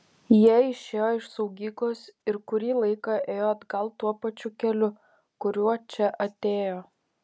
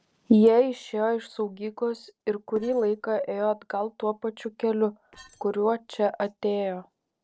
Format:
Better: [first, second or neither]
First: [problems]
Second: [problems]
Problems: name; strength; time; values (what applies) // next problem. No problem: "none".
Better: first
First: none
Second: noise reduction (neural separator model SepFormer DNS4)